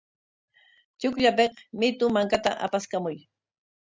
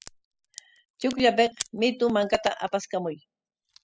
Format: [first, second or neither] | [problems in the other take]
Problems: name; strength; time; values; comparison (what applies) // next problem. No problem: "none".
first | noise reduction (classical method spectral subtraction)